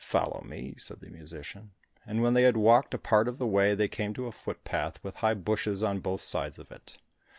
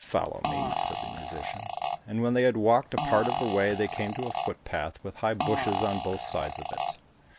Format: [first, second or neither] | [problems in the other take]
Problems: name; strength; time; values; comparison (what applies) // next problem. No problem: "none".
first | background sound (Fart); 4 dB below the speech